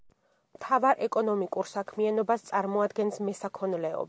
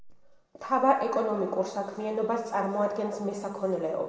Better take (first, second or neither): first